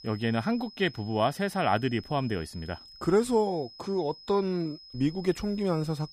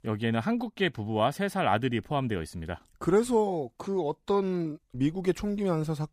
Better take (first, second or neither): second